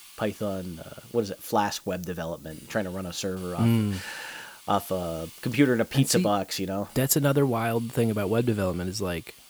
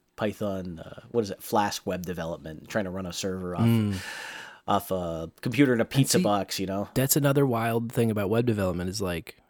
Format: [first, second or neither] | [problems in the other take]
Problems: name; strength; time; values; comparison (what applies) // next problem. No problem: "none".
second | hiss; faint; throughout; 20 dB below the speech